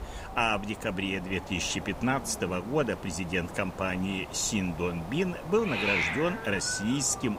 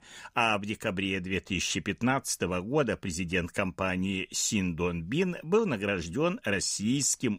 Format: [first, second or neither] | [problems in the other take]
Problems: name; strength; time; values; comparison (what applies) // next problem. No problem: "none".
second | hiss; loud; throughout; 7 dB below the speech